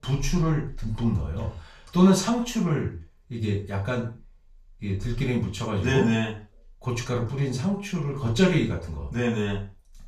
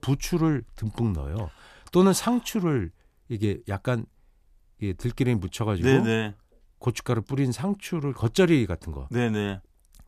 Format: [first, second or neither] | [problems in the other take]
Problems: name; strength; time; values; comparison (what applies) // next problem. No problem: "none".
second | room echo; noticeable; dies away in 0.3 s // off-mic speech; far